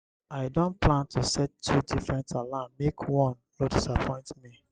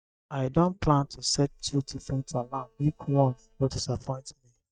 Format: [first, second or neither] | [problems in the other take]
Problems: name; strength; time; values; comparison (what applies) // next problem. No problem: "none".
first | noise reduction (neural mask model DeepFilterNet 3)